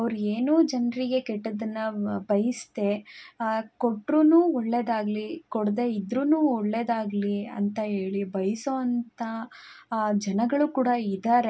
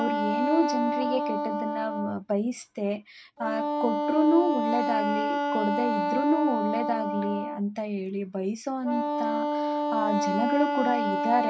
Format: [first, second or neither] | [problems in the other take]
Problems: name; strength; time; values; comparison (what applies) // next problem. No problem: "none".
first | noise reduction (neural mask model RNNoise)